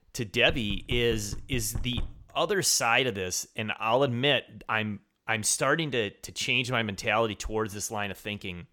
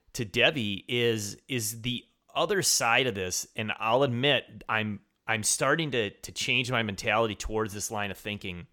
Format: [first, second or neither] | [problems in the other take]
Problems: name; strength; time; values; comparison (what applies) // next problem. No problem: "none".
second | door banging; faint; until 2 s; peak 10 dB below the speech